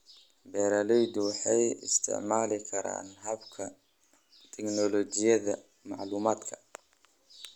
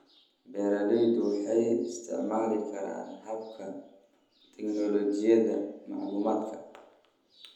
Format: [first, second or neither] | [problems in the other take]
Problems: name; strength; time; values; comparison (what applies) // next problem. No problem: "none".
first | room echo; dies away in 0.8 s